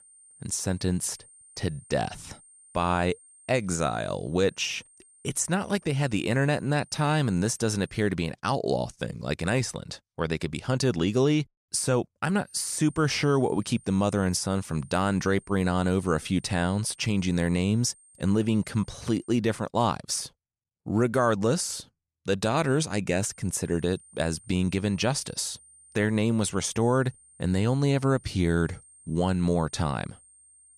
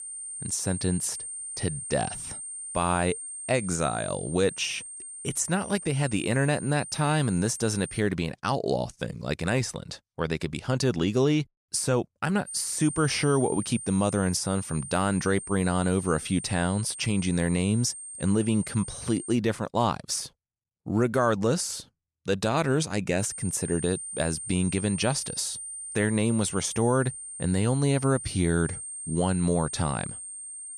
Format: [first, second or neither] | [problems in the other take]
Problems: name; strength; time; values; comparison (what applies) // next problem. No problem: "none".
first | high-pitched whine; loud; until 8 s, from 12 to 19 s and from 23 s on; 8.5 kHz, 9 dB below the speech; faint in the first